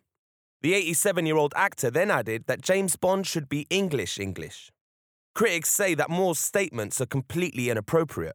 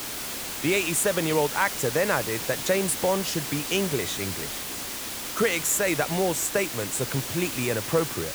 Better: first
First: none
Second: hiss; loud; throughout; 5 dB below the speech

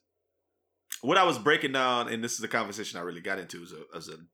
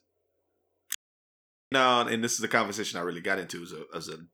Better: first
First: none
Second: audio cutting out; at 1 s for 1 s

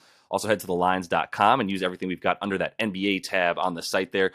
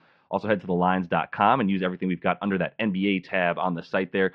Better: first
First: none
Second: muffled; very; fading above 3 kHz

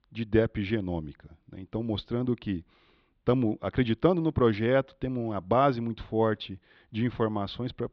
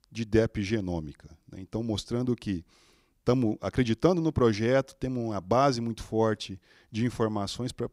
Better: second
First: muffled; slightly; fading above 3.5 kHz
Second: none

